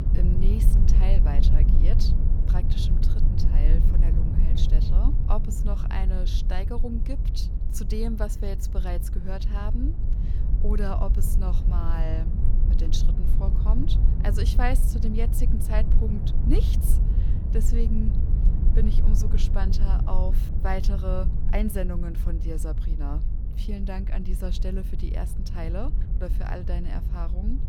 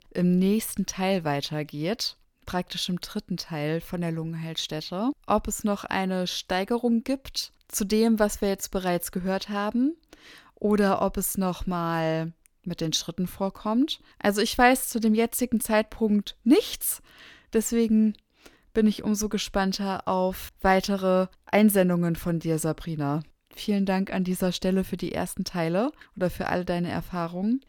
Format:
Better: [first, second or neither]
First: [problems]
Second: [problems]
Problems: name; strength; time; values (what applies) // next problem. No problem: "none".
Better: second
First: low rumble; loud; throughout; 5 dB below the speech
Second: none